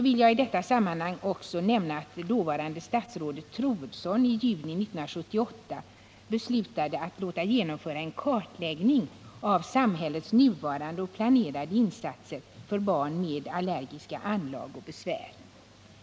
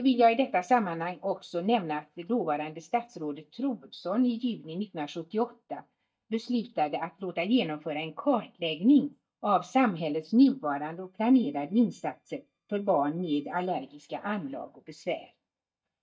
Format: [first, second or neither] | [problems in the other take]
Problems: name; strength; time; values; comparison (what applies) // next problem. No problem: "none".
first | noise reduction (neural mask model DeepFilterNet 3)